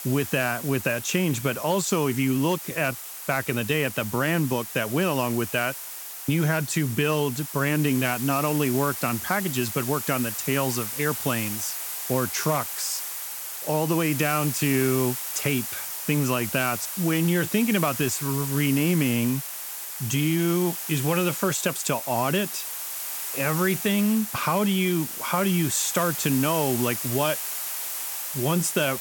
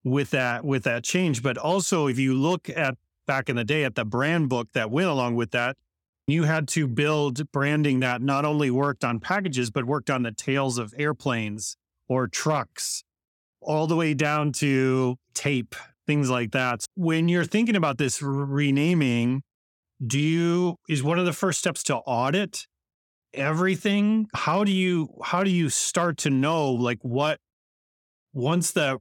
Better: second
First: hiss; loud; throughout; 5 dB below the speech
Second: none

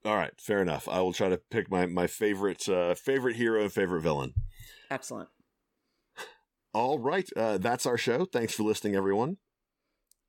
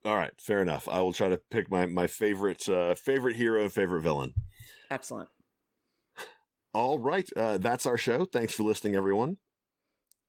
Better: first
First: none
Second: garbled, watery; slightly; nothing above 17 kHz

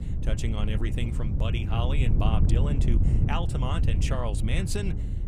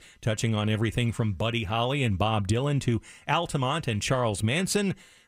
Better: second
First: wind noise on the microphone; heavy; 5 dB below the speech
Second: none

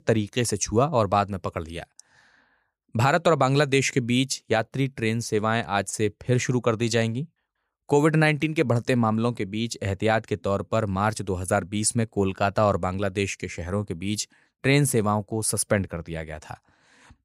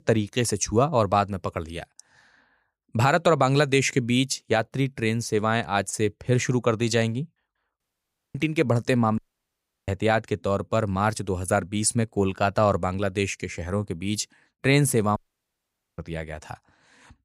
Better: first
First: none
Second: audio cutting out; at 8 s for 0.5 s, at 9 s for 0.5 s and at 15 s for 1 s

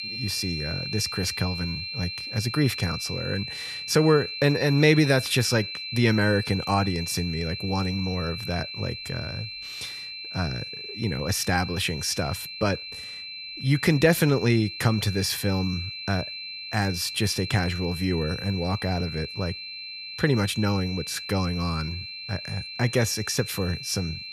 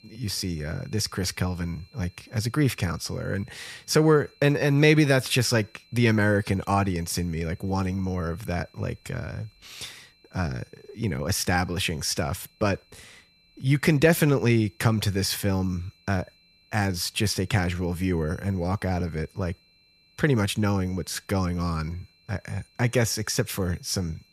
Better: second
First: high-pitched whine; loud; throughout; 4 kHz, 8 dB below the speech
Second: high-pitched whine; faint; throughout; 4 kHz, 30 dB below the speech

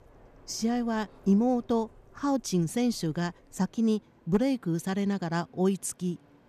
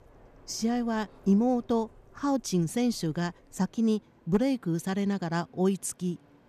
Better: neither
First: train or aircraft noise; faint; throughout; 30 dB below the speech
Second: train or aircraft noise; faint; throughout; 30 dB below the speech

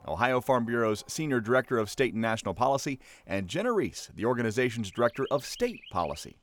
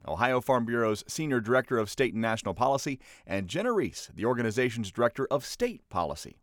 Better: second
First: animal sounds; faint; throughout; 25 dB below the speech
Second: none

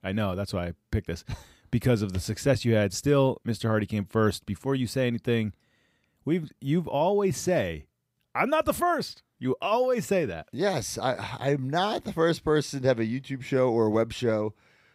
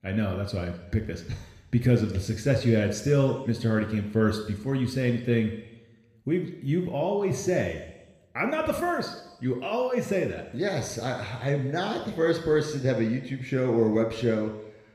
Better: first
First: none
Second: room echo; slight; dies away in 1 s

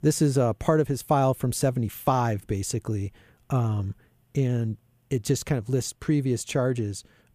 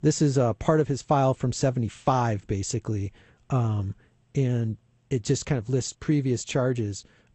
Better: first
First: none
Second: garbled, watery; slightly; nothing above 8 kHz

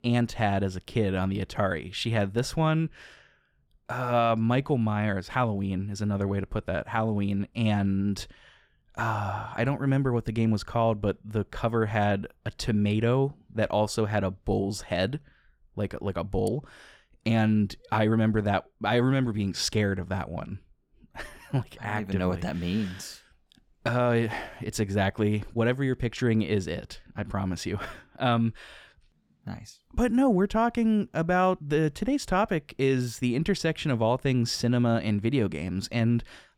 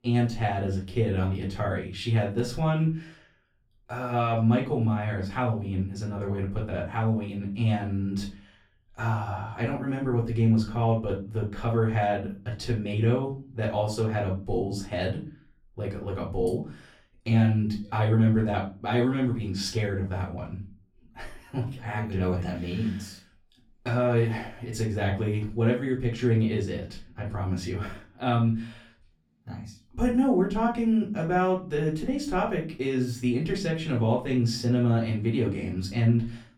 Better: first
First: none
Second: off-mic speech; far // room echo; slight; dies away in 0.3 s

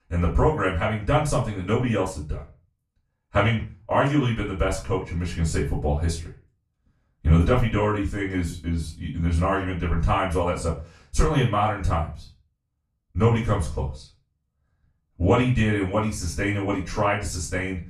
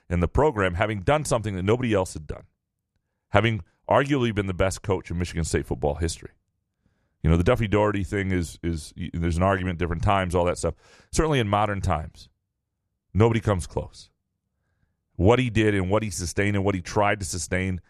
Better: second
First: off-mic speech; far // room echo; slight; dies away in 0.3 s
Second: none

